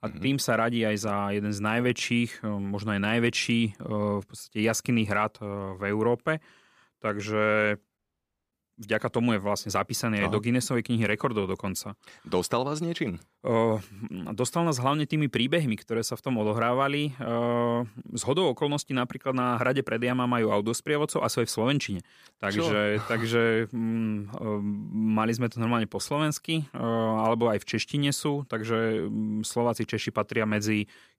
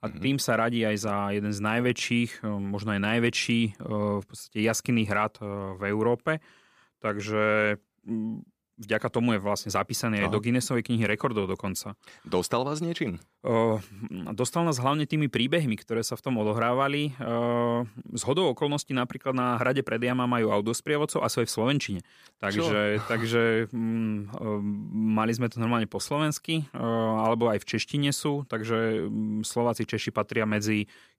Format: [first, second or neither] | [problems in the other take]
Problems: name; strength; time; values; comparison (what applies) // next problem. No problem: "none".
second | audio cutting out; at 8 s for 0.5 s